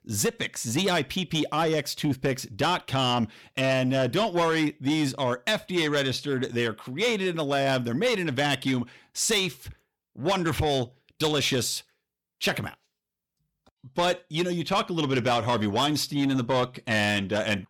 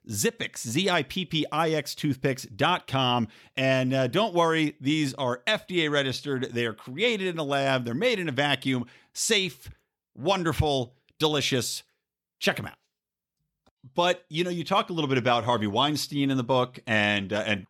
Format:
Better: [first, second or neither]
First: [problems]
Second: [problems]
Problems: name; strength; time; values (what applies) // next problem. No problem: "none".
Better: second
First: distortion; slight; 10 dB below the speech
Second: none